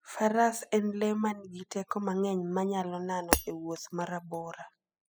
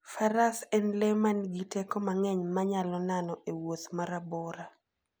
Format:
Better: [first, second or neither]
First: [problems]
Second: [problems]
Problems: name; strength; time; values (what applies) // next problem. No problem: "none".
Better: second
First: noise reduction (classical method spectral subtraction)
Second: none